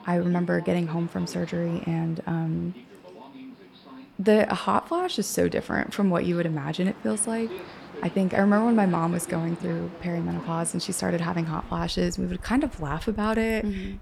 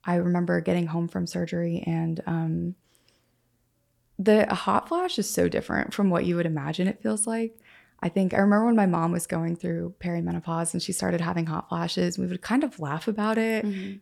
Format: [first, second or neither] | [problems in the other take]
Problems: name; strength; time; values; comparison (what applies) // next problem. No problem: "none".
second | train or aircraft noise; noticeable; throughout; 15 dB below the speech